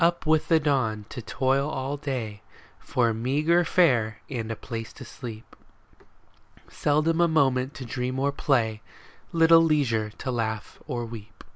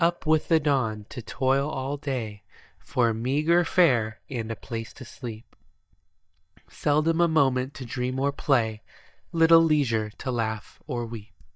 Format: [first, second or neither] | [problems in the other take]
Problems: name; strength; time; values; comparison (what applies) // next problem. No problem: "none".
first | noise reduction (neural mask model DeepFilterNet 3)